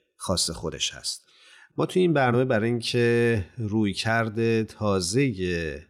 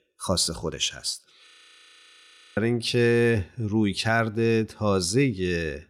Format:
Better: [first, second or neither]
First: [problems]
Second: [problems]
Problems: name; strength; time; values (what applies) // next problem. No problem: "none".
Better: first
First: none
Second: audio freezing; at 1.5 s for 1 s